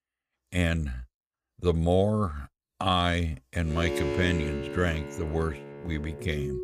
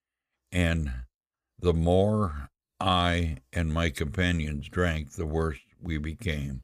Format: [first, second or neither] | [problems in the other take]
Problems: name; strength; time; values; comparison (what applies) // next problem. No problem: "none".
second | background music; very faint; from 4 s on; 7 dB below the speech